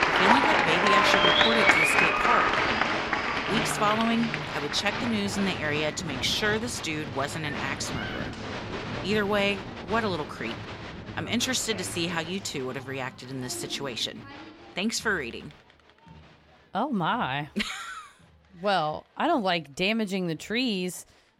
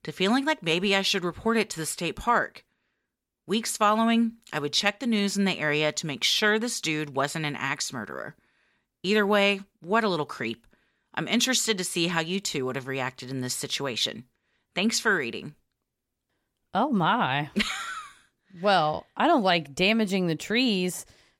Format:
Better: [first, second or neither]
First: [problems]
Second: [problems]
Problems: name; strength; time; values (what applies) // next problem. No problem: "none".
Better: second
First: crowd noise; very loud; throughout; 3 dB above the speech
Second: none